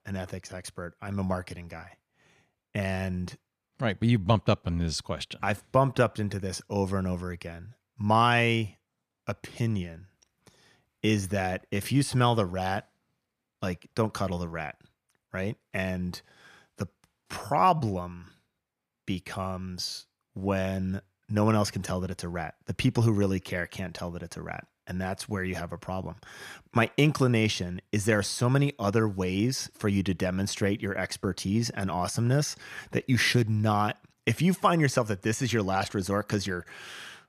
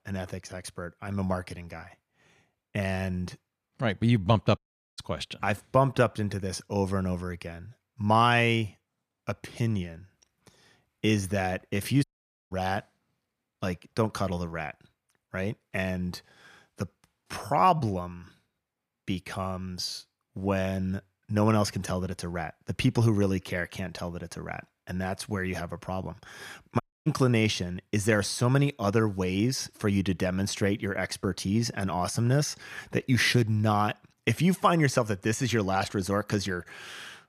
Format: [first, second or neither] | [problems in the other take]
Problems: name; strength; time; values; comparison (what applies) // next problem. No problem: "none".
first | audio cutting out; at 4.5 s, at 12 s and at 27 s